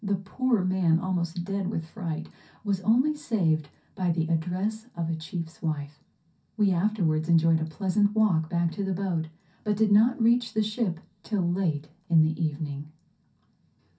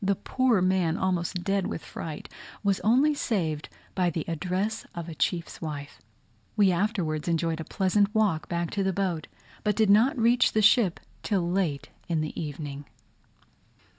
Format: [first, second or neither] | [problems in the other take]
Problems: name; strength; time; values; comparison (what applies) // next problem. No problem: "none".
second | room echo; dies away in 0.3 s